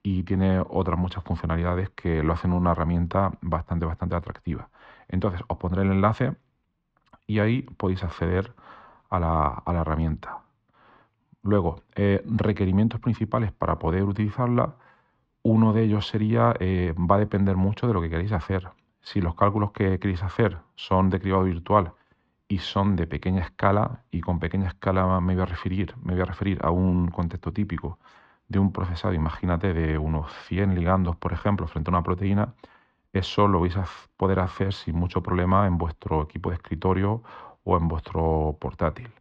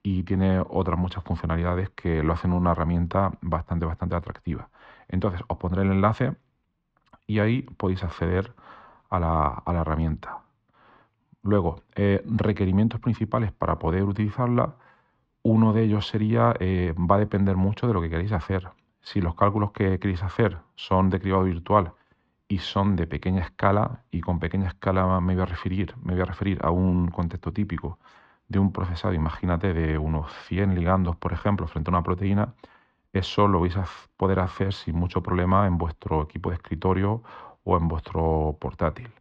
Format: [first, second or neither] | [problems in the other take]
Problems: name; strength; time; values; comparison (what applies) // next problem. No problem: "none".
neither | muffled; very slightly; fading above 3 kHz; the same in both